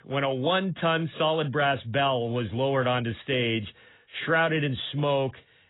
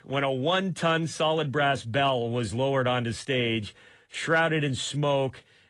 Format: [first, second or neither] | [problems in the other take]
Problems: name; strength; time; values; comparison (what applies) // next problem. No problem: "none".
second | garbled, watery; badly; nothing above 4 kHz; slightly in the second